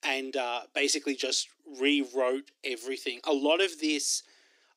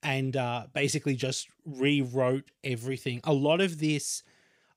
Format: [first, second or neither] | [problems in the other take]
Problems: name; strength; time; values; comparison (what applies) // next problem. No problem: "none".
second | thin; very slightly; fading below 300 Hz